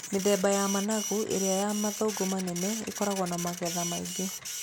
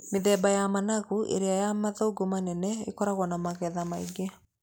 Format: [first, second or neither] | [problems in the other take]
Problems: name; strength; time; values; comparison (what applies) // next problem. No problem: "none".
second | background sound (Printer); 7 dB below the speech